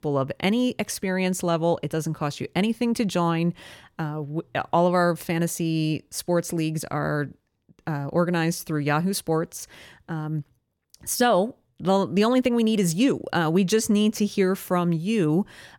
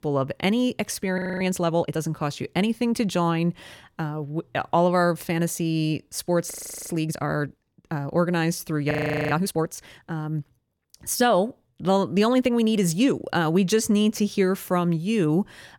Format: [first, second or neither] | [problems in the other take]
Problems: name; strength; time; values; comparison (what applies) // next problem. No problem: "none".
first | audio freezing; at 1 s, at 6.5 s and at 9 s